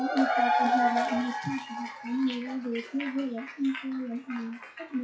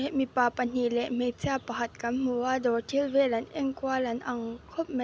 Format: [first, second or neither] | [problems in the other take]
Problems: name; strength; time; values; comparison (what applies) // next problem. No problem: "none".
second | noise reduction (classical method WPE with log-MMSE)